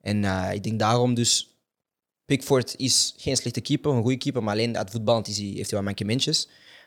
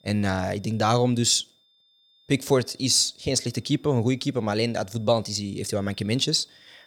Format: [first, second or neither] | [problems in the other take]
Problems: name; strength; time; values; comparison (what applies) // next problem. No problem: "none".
first | high-pitched whine; faint; throughout; 3.5 kHz, 35 dB below the speech